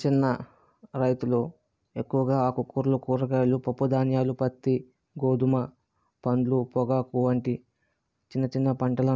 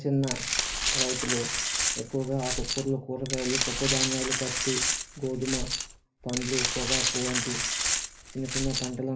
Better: first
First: none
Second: background sound (Glass); 2 dB above the speech // room echo; dies away in 0.3 s

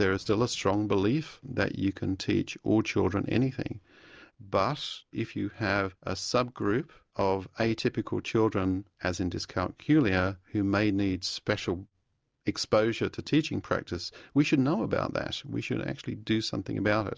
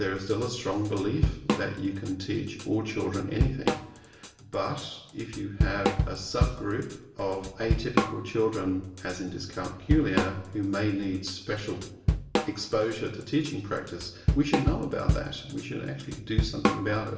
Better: first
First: none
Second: background sound (Drum / Drum kit); 1 dB below the speech // room echo; dies away in 0.8 s

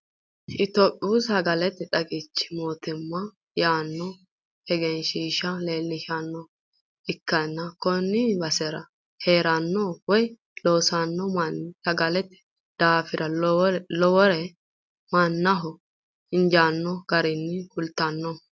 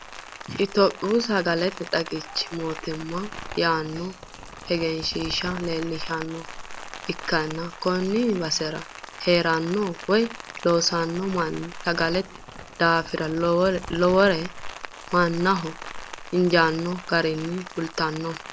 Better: first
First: none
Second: background sound (Rain); 13 dB below the speech

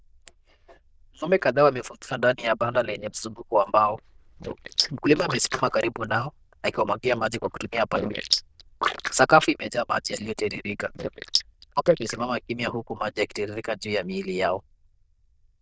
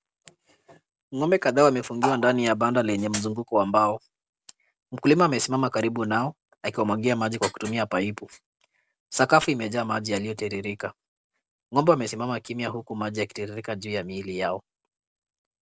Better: second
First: noise reduction (neural diffusion model UNIVERSE++)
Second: none

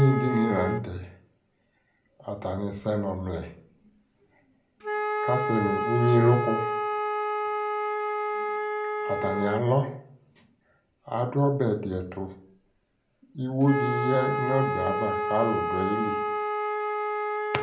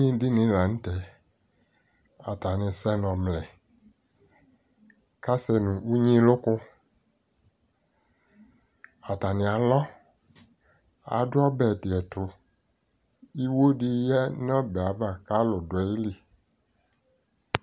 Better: second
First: background sound (Wind instrument, woodwind instrument); 2 dB below the speech // room echo; dies away in 0.4 s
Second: none

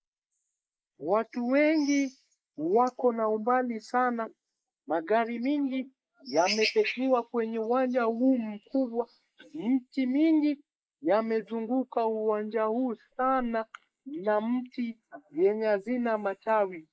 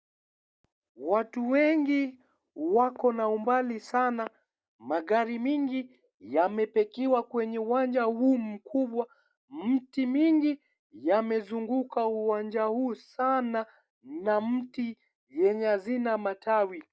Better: second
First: noise reduction (neural mask model Resemble Enhance denoiser)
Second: none

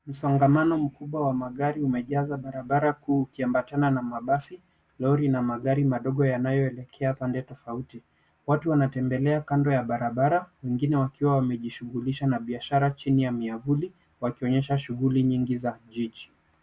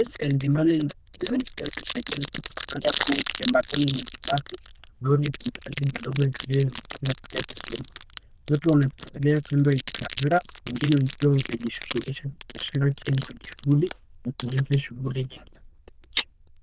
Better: first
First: none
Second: noise reduction (neural diffusion model UNIVERSE++)

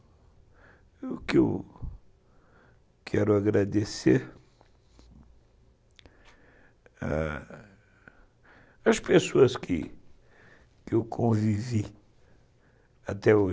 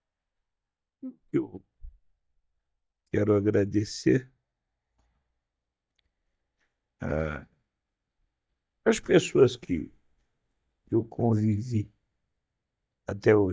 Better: first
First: none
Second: noise reduction (neural mask model DeepFilterNet 3)

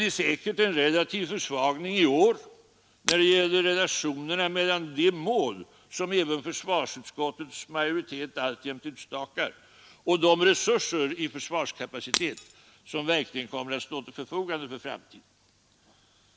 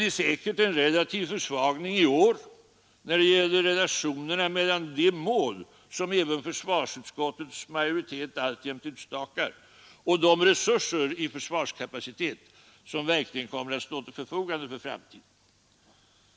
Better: second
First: background sound (Shatter); 5 dB below the speech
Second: none

